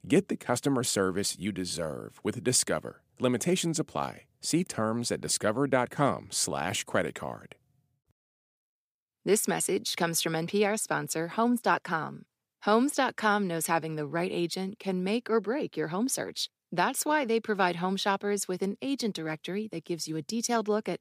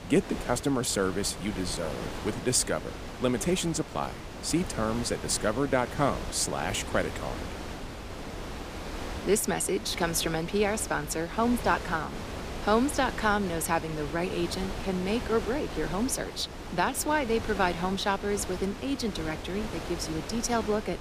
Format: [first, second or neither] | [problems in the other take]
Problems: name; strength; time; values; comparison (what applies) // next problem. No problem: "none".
first | wind noise on the microphone; heavy; 10 dB below the speech